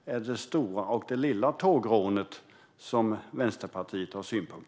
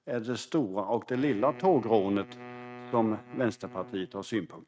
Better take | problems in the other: first | noise reduction (neural mask model RNNoise)

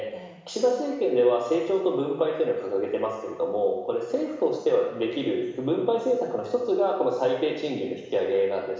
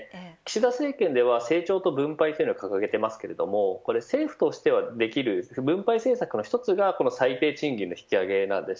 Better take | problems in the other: second | room echo; dies away in 1 s

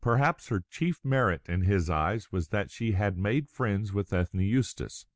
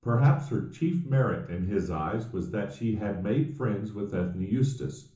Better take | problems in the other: first | room echo; dies away in 0.7 s

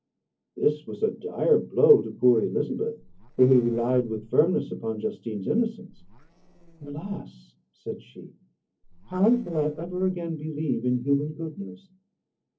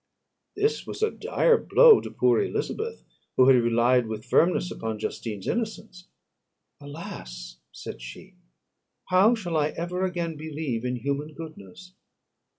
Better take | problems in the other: second | noise reduction (neural separator model SepFormer DNS4)

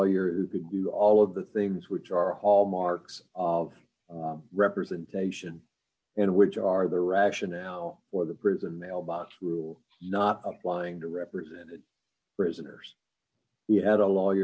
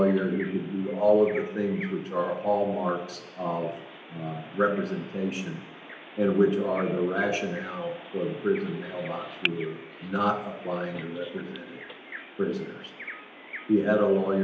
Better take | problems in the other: first | background sound (Bird vocalization, bird call, bird song); 15 dB below the speech // room echo; dies away in 0.8 s

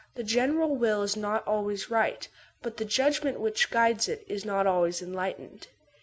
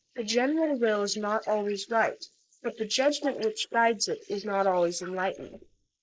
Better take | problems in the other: first | noise reduction (neural mask model Resemble Enhance denoiser)

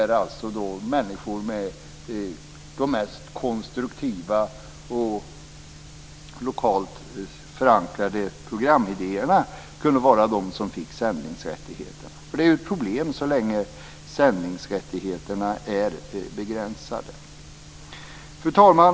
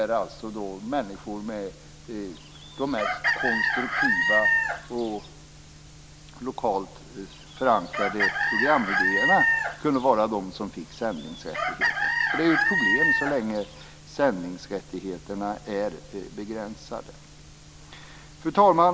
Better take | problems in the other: first | background sound (Chicken, rooster); 2 dB above the speech

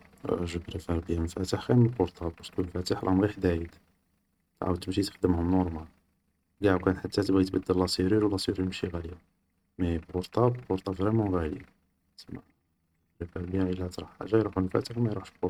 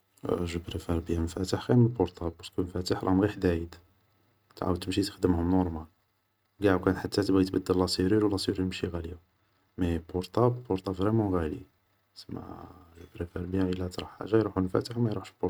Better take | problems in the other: second | noise reduction (neural mask model RNNoise)

